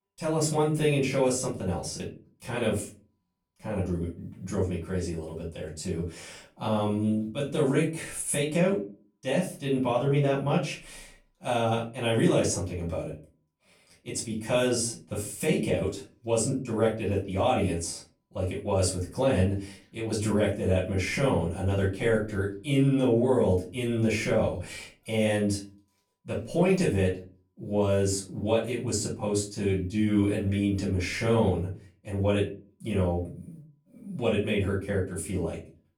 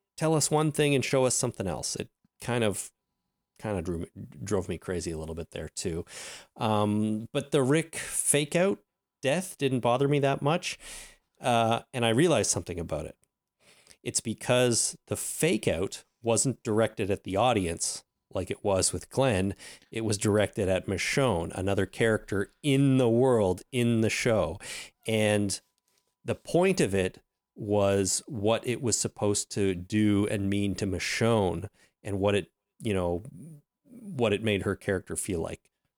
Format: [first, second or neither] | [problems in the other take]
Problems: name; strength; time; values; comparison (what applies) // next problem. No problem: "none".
second | off-mic speech; far // room echo; slight; dies away in 0.4 s